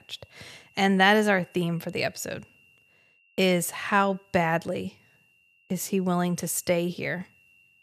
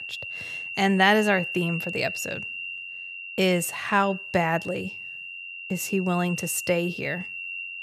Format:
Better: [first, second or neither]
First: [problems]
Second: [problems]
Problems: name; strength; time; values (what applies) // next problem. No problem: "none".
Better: first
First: high-pitched whine; faint; throughout; 3 kHz, 35 dB below the speech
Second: high-pitched whine; loud; throughout; 3 kHz, 8 dB below the speech